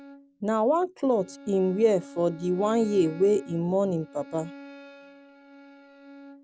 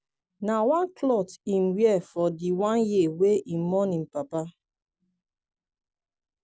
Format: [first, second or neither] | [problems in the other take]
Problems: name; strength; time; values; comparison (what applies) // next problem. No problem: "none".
second | background sound (Bowed string instrument); 19 dB below the speech